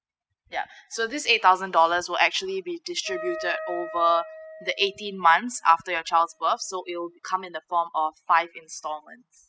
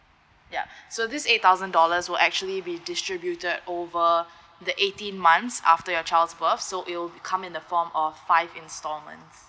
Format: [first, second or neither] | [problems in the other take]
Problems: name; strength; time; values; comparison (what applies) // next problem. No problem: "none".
second | noise reduction (classical method spectral subtraction)